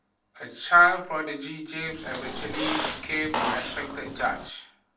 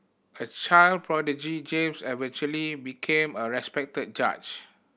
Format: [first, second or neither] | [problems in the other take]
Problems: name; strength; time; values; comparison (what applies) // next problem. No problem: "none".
second | background sound (Squeak); 5 dB below the speech // room echo; dies away in 0.4 s